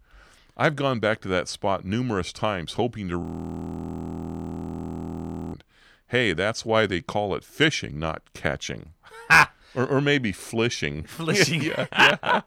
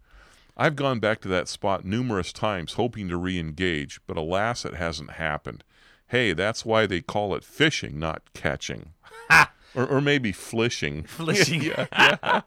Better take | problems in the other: second | audio freezing; at 3 s for 2.5 s

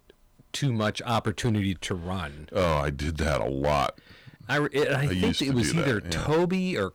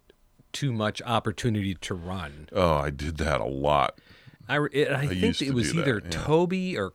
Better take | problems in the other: second | distortion; slight; 8% of the sound clipped

